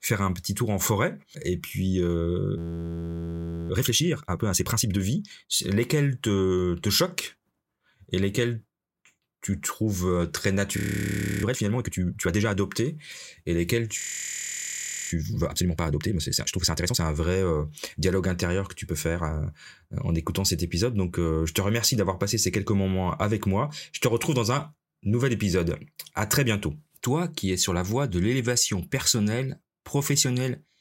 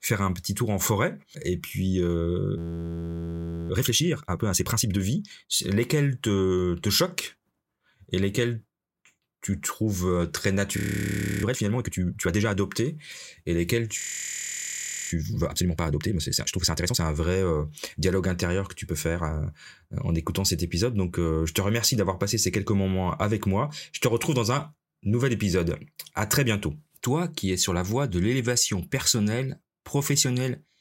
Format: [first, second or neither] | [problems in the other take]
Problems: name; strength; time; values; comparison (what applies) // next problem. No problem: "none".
neither | audio freezing; at 2.5 s for 1 s, at 11 s for 0.5 s and at 14 s for 1 s; the same in both